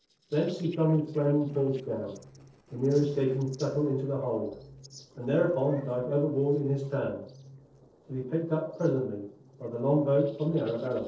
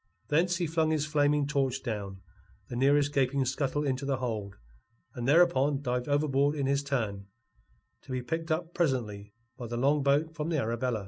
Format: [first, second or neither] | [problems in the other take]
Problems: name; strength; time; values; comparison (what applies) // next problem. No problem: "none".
second | noise reduction (neural separator model SepFormer DNS4)